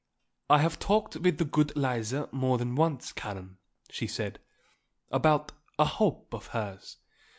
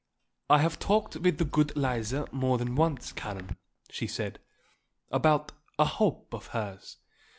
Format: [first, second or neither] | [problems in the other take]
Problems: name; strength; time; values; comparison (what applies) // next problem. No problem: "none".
first | background sound (Chatter / Chirp, tweet / Car passing by / Typing); 13 dB below the speech